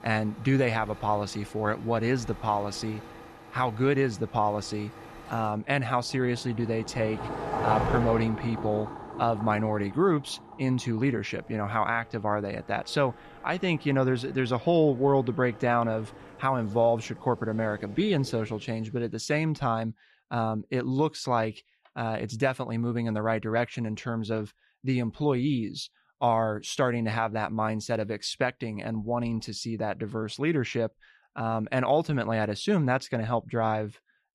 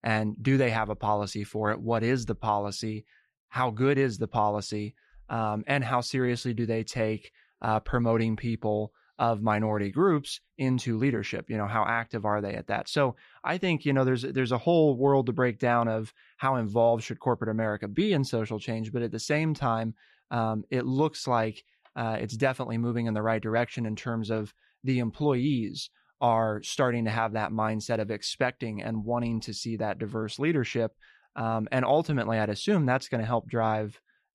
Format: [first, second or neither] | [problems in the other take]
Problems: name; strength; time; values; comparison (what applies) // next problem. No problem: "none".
second | traffic noise; noticeable; until 19 s; 10 dB below the speech